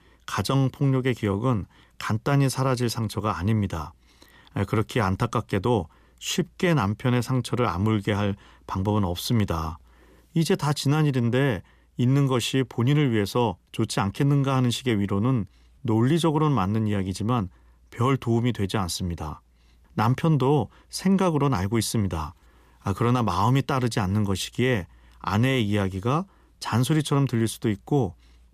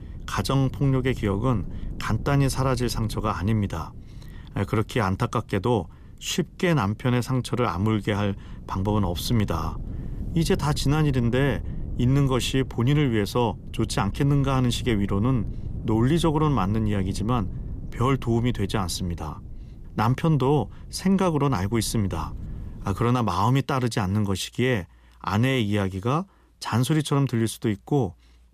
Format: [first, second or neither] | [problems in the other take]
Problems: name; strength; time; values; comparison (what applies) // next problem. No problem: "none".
first | wind noise on the microphone; occasional gusts; until 23 s; 20 dB below the speech